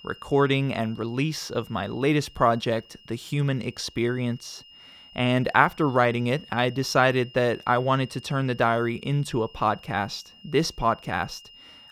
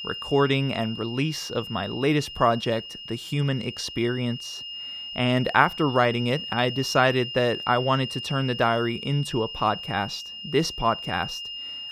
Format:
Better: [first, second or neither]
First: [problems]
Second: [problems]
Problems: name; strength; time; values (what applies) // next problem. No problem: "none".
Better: first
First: high-pitched whine; faint; throughout; 3 kHz, 25 dB below the speech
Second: high-pitched whine; loud; throughout; 3 kHz, 9 dB below the speech